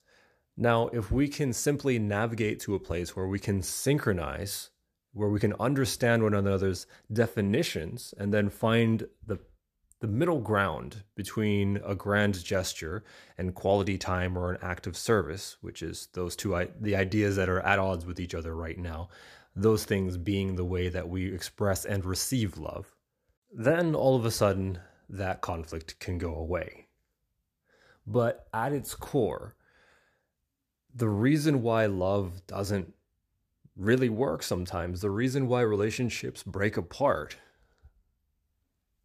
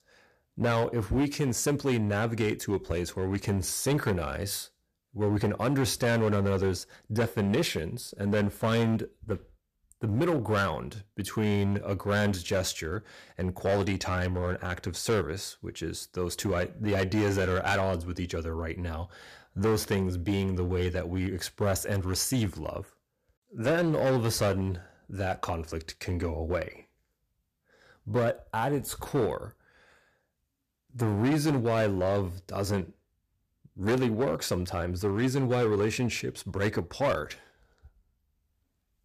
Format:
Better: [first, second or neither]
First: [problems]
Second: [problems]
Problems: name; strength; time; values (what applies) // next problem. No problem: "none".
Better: first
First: none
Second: distortion; slight; 7% of the sound clipped